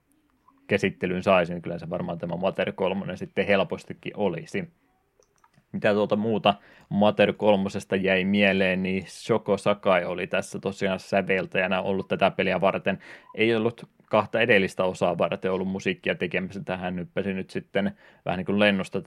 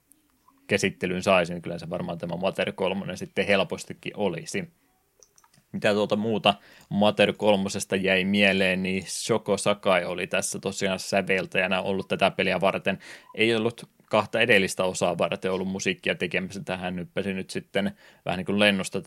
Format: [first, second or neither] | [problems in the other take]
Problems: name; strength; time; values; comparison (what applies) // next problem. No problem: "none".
second | muffled; slightly; fading above 3.5 kHz